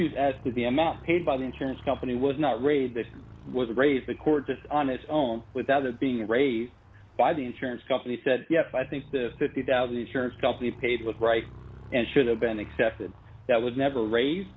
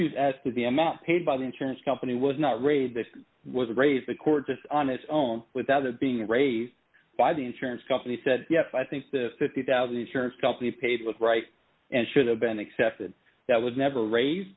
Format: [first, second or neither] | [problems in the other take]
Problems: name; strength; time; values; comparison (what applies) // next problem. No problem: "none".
second | background sound (Motorcycle); 20 dB below the speech